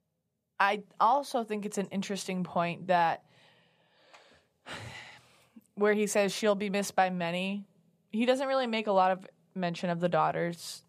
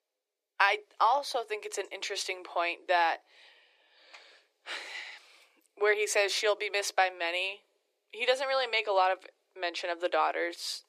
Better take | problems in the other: first | thin; very; fading below 300 Hz

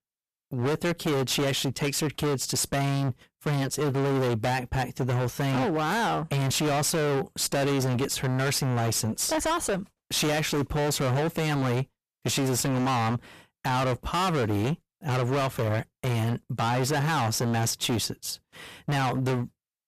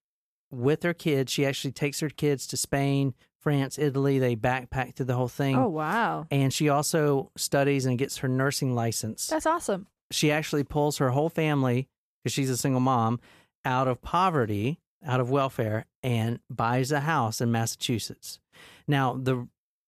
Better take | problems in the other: second | distortion; heavy; 33% of the sound clipped

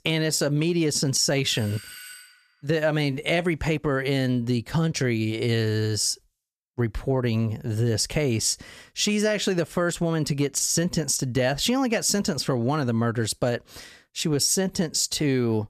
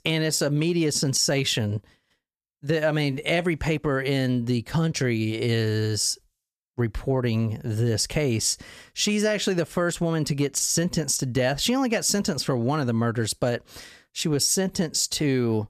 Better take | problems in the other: second | doorbell; faint; at 1.5 s; peak 15 dB below the speech

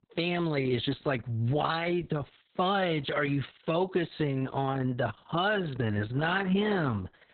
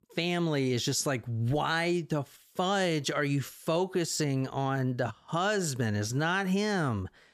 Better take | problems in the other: second | garbled, watery; badly; nothing above 4 kHz

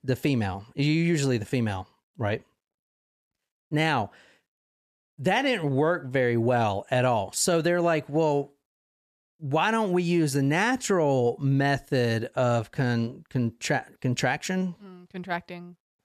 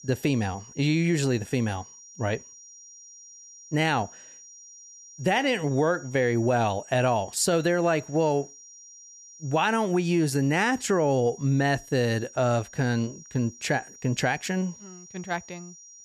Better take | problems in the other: first | high-pitched whine; noticeable; throughout; 5.5 kHz, 20 dB below the speech

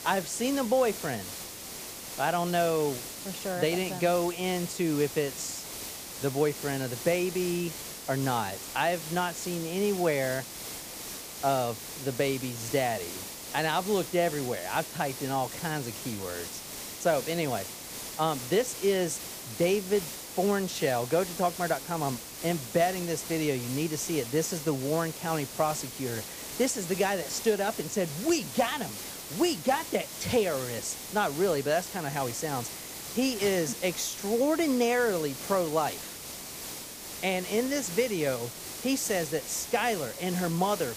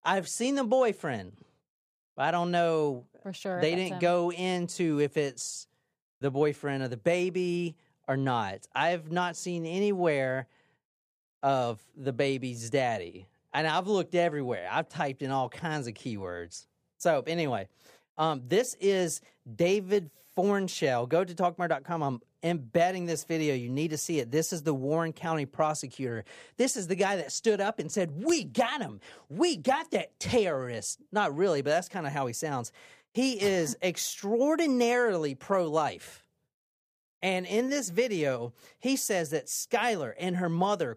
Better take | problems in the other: second | hiss; loud; throughout; 8 dB below the speech

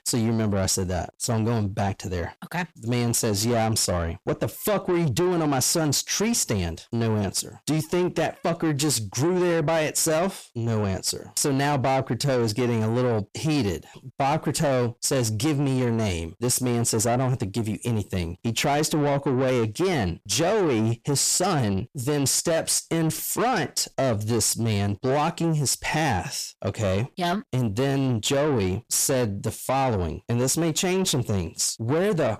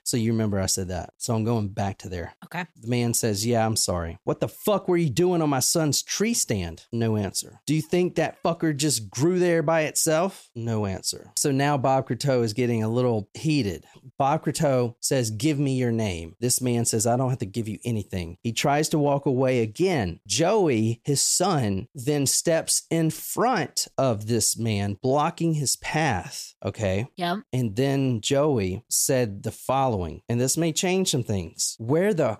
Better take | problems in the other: second | distortion; slight; 10 dB below the speech

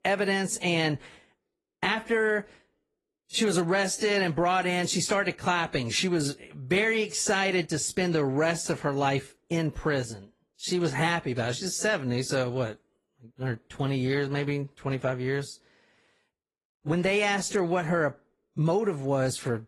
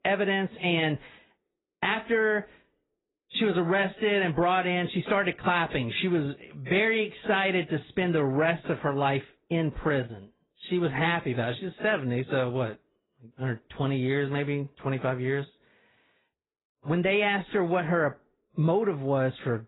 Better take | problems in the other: first | garbled, watery; badly; nothing above 4 kHz; slightly in the first

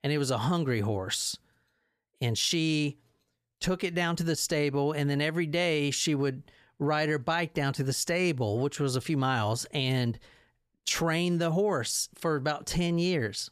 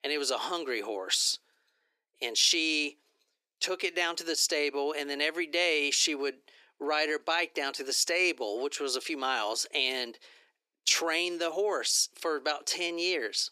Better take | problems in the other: first | thin; very; fading below 300 Hz

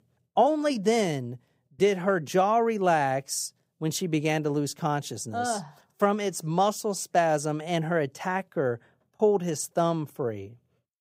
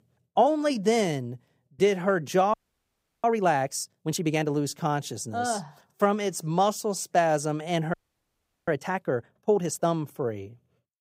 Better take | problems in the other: first | audio freezing; at 2.5 s for 0.5 s and at 8 s for 0.5 s

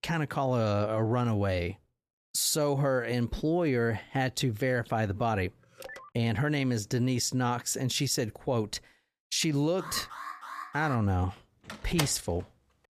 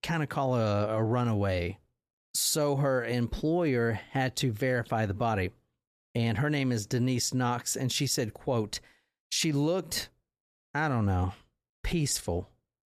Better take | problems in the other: second | phone ringing; faint; at 6 s; peak 15 dB below the speech // alarm; faint; from 10 to 11 s; peak 10 dB below the speech // door banging; noticeable; at 12 s; peak 4 dB below the speech

